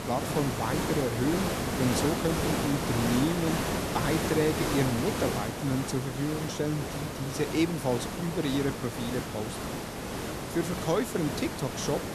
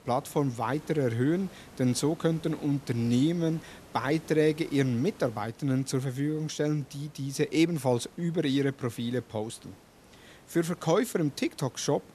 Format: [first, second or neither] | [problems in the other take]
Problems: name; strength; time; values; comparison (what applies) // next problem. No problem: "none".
second | hiss; loud; throughout; 1 dB below the speech; faint in the second